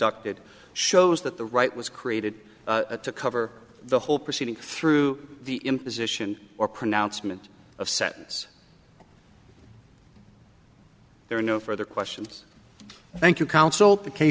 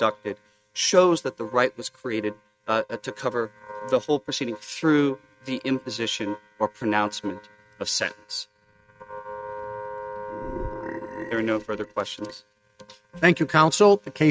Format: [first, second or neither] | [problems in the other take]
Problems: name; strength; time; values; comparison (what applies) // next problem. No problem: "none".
first | noise reduction (neural mask model RNNoise)